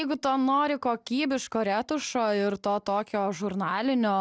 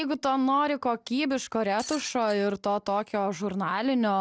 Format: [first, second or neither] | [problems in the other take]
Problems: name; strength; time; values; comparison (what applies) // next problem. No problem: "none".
first | background sound (Shatter); 15 dB below the speech